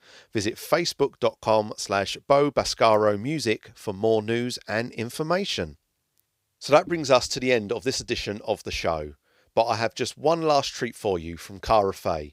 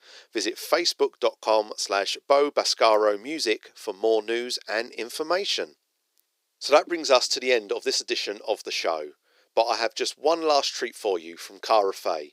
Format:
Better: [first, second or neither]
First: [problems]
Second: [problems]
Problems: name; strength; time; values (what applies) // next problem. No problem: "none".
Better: first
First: none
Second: thin; somewhat; fading below 350 Hz